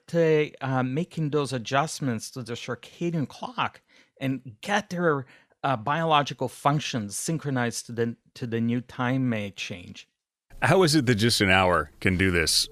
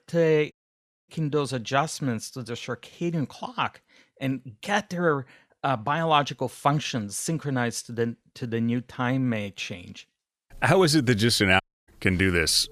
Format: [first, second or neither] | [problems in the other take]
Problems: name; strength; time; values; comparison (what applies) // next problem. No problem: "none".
first | audio cutting out; at 0.5 s for 0.5 s and at 12 s